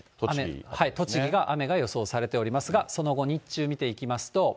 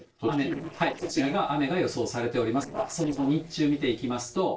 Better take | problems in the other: first | noise reduction (neural separator model SepFormer DNS4)

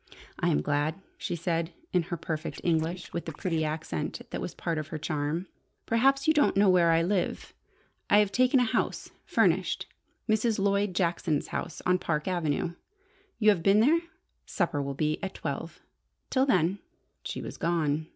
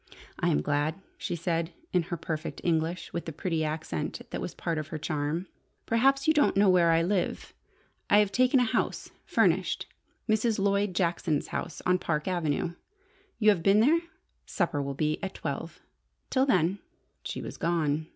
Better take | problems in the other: second | noise reduction (neural separator model SepFormer DNS4)

